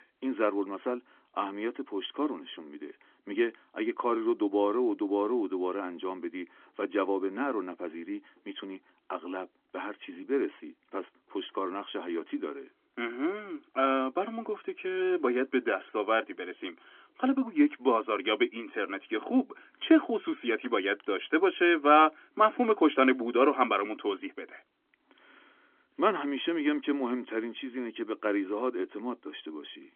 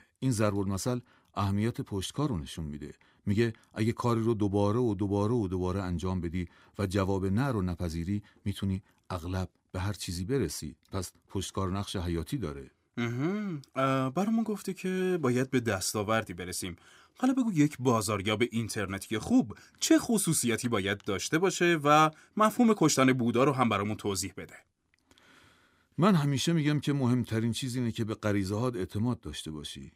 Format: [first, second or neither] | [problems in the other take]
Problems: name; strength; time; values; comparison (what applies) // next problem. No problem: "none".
second | phone-call audio; nothing above 3.5 kHz